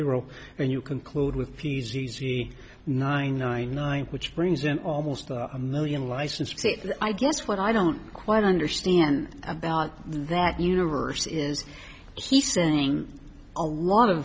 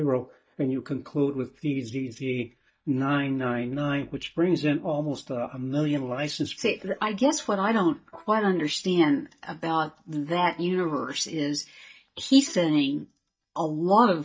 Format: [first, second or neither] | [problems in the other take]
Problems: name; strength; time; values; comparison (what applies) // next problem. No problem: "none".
first | noise reduction (neural mask model DeepFilterNet 3)